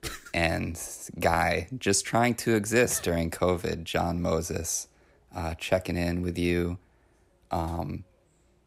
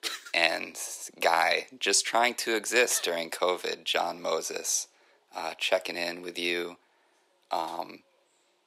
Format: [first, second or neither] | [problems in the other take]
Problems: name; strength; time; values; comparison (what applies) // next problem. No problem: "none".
first | thin; very; fading below 400 Hz